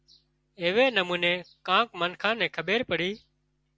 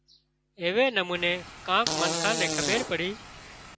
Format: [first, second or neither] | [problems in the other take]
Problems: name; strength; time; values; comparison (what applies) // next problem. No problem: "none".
first | background sound (Fart); 3 dB below the speech